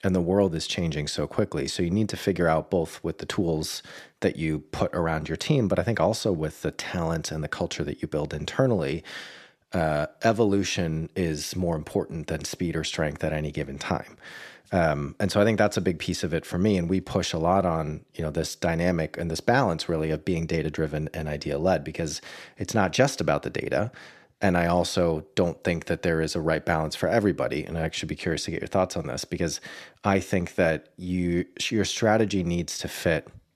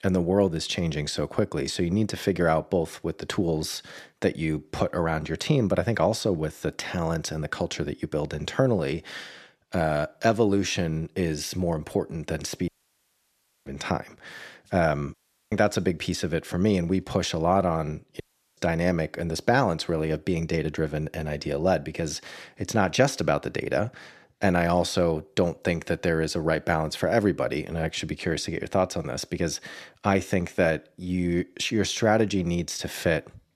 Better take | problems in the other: first | audio cutting out; at 13 s for 1 s, at 15 s and at 18 s

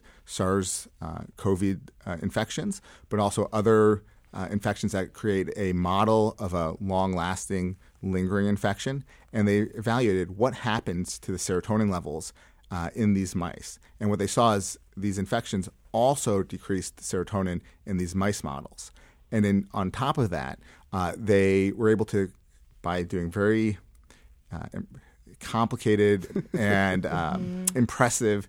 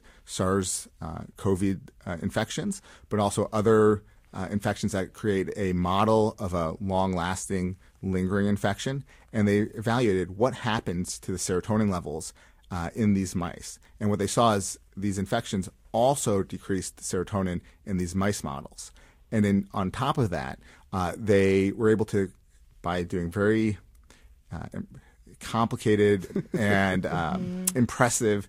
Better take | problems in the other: first | garbled, watery; slightly; nothing above 15.5 kHz

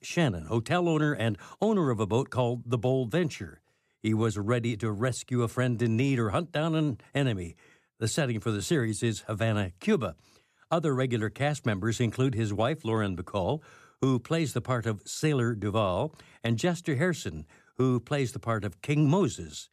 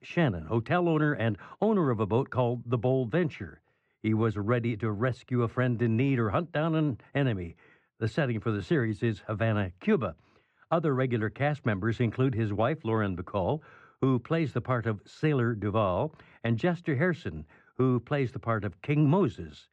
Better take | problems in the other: first | muffled; very; fading above 2 kHz

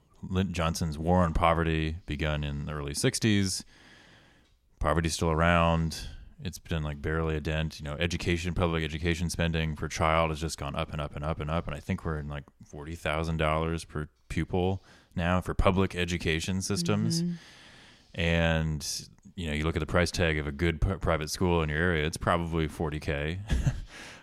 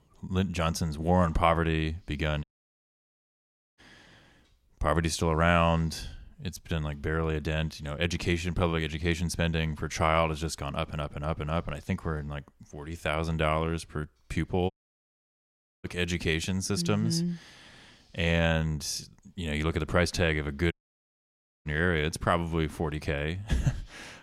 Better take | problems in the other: first | audio cutting out; at 2.5 s for 1.5 s, at 15 s for 1 s and at 21 s for 1 s

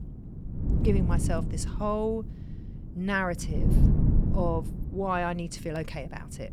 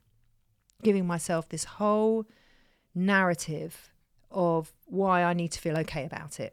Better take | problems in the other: second | wind noise on the microphone; heavy; 8 dB below the speech

